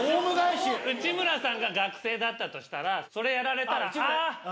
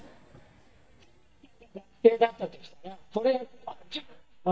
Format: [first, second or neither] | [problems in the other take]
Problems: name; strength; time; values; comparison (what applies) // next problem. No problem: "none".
first | noise reduction (neural mask model DeepFilterNet 3)